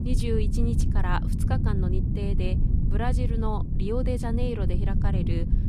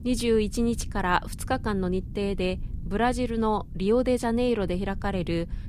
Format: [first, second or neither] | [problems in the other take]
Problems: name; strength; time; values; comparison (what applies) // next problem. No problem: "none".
second | low rumble; loud; throughout; 5 dB below the speech; faint in the second